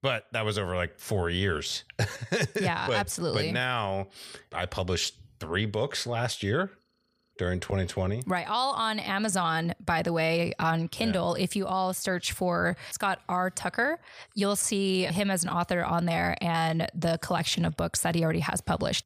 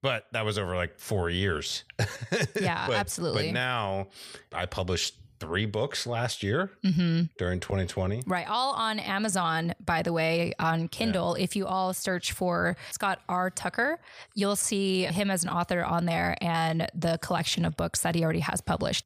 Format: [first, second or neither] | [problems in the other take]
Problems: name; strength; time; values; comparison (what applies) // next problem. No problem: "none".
second | audio freezing; at 7 s for 0.5 s